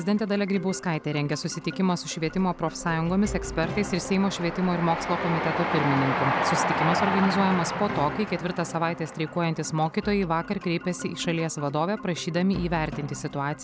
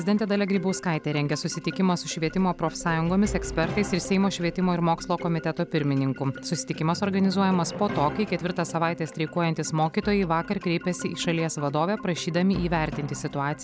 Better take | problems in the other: second | background sound (Train); 6 dB below the speech

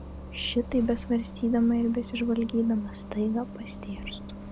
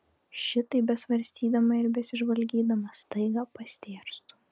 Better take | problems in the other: second | background sound (Bus); 11 dB below the speech

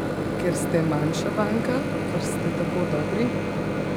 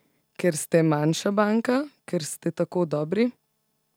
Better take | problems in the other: second | background sound (Microwave oven); 2 dB above the speech

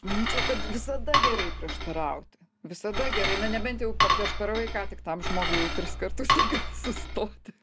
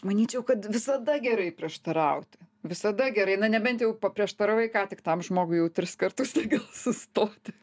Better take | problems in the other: second | background sound (Cutlery, silverware / Dishes, pots, and pans); 4 dB above the speech

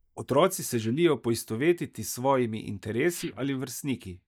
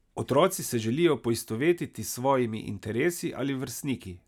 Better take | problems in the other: second | noise reduction (neural mask model DeepFilterNet 3)

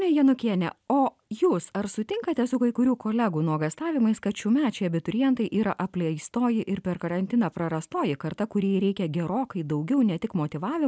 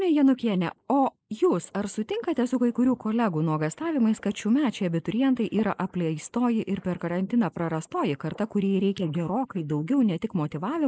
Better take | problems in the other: first | noise reduction (neural mask model Resemble Enhance denoiser)

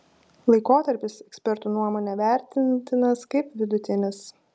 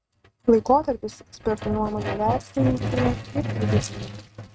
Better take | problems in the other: first | noise reduction (neural mask model RNNoise)

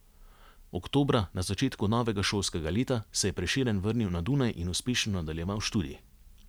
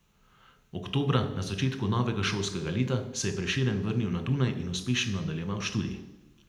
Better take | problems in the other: first | room echo; dies away in 0.8 s

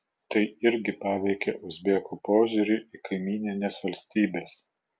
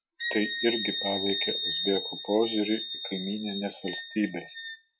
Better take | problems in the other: first | noise reduction (classical method log-MMSE)

